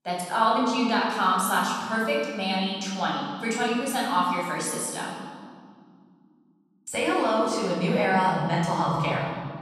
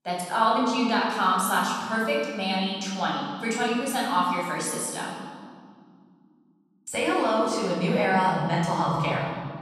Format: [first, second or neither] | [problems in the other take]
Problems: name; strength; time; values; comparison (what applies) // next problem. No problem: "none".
neither | off-mic speech; far; the same in both // room echo; noticeable; dies away in 2.1 s; the same in both